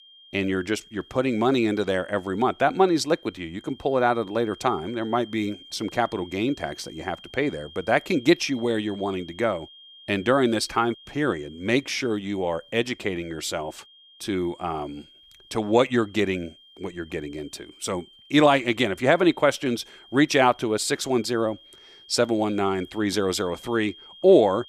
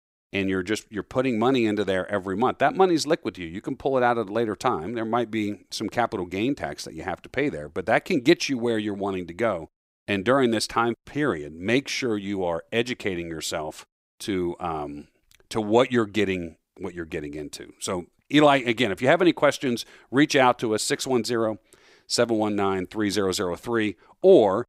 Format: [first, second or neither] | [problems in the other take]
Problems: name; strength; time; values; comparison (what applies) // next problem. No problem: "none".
second | high-pitched whine; faint; throughout; 3 kHz, 25 dB below the speech